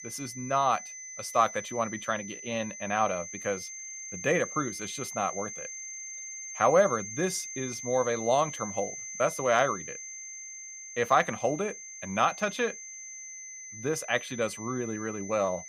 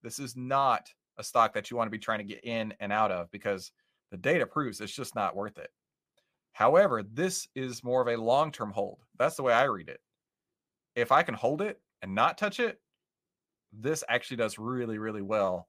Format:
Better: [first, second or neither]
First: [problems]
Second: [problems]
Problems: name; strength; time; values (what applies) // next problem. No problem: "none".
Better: second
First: high-pitched whine; loud; throughout; 6.5 kHz, 9 dB below the speech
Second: none